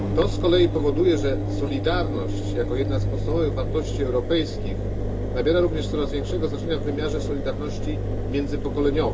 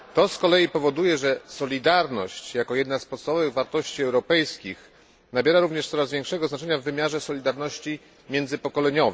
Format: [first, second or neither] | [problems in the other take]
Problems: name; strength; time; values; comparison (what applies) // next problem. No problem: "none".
second | background sound (Engine); as loud as the speech // room echo; dies away in 0.2 s